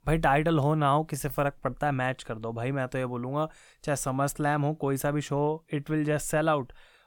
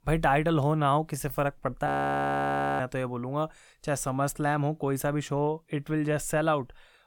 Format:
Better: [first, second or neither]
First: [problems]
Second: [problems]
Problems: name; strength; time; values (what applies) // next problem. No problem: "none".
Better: first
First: none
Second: audio freezing; at 2 s for 1 s